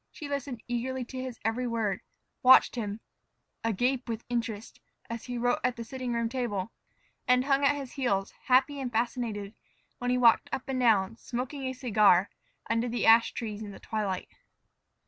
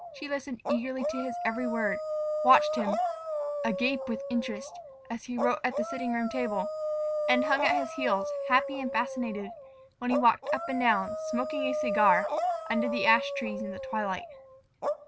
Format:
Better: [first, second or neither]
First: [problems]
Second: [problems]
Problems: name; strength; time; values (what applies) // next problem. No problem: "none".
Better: first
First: none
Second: background sound (Dog); 2 dB below the speech